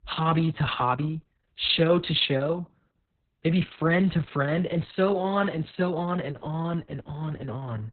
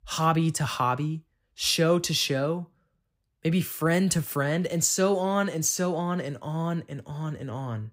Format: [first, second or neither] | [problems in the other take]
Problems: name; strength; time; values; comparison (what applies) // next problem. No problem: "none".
second | garbled, watery; badly; nothing above 4 kHz